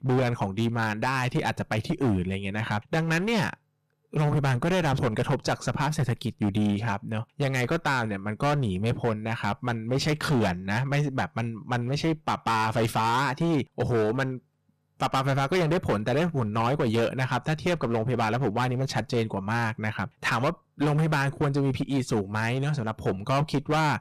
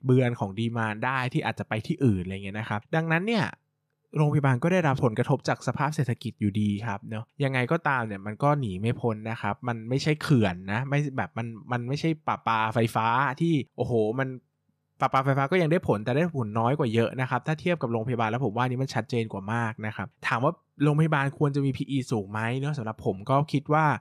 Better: second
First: distortion; heavy; 18% of the sound clipped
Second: none

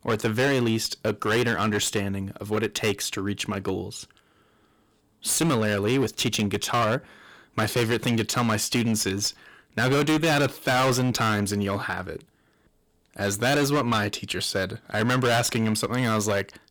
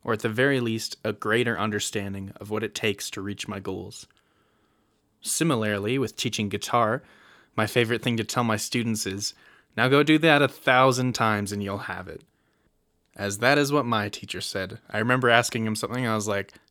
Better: second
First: distortion; heavy; 14% of the sound clipped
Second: none

